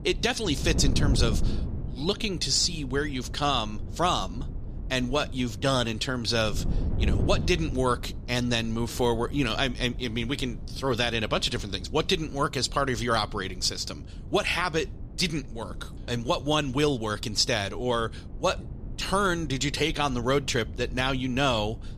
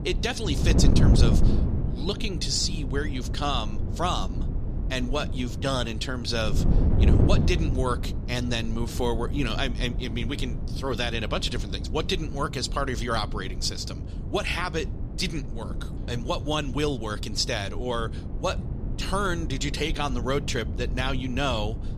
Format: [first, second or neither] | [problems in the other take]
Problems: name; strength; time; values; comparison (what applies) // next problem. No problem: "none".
first | wind noise on the microphone; heavy; 10 dB below the speech; occasional gusts in the first